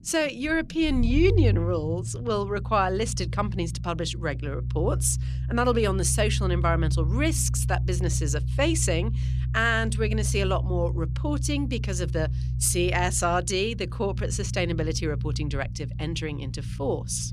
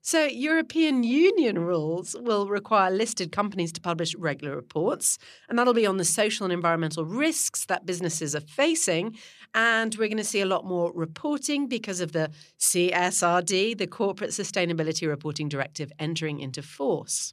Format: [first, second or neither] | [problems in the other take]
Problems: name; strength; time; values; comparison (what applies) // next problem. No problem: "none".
second | low rumble; noticeable; throughout; 15 dB below the speech